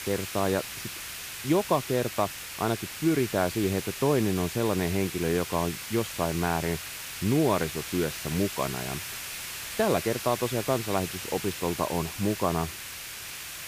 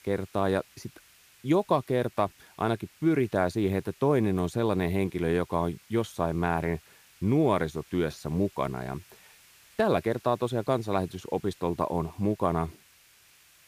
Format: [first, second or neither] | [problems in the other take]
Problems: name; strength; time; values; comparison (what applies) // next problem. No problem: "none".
second | hiss; loud; throughout; 7 dB below the speech; faint in the second